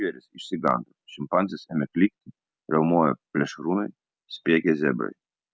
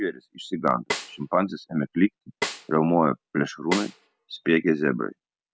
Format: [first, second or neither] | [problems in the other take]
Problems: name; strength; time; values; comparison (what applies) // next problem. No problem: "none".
first | background sound (Snare drum); 11 dB below the speech